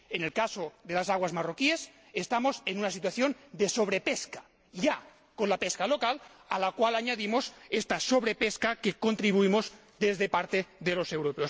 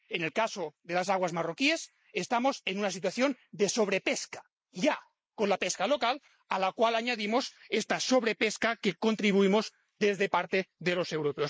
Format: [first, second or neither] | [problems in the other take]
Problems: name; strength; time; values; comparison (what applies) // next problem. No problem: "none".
first | noise reduction (neural mask model Resemble Enhance denoiser)